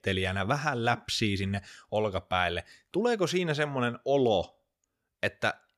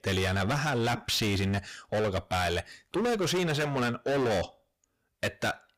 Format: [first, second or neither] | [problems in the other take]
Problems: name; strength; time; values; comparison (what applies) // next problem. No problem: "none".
first | distortion; heavy; 24% of the sound clipped